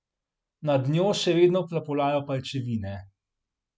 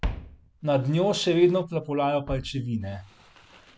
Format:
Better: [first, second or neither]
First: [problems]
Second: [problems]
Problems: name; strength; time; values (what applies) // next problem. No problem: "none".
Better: first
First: none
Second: background sound (Walk, footsteps); 13 dB below the speech